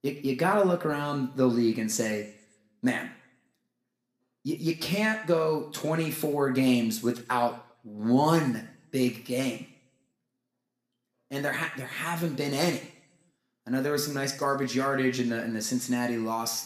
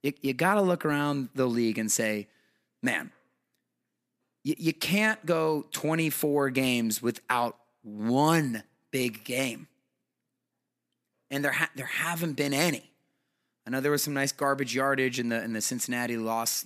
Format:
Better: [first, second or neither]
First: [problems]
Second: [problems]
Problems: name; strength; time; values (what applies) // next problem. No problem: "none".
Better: second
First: room echo; very slight; dies away in 0.5 s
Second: none